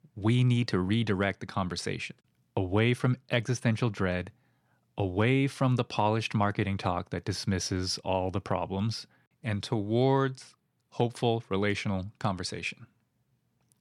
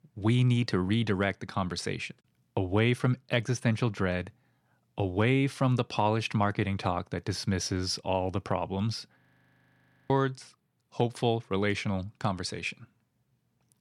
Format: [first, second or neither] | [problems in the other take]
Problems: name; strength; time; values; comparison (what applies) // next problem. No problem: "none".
first | audio freezing; at 9 s for 1 s